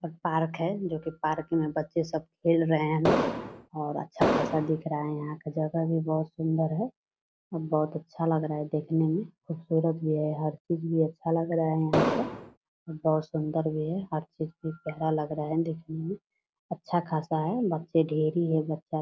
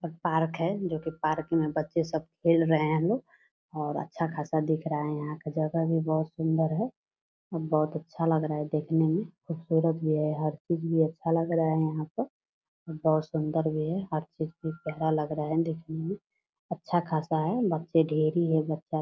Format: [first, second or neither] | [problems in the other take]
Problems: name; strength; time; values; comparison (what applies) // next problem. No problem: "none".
second | background sound (Explosion); 2 dB above the speech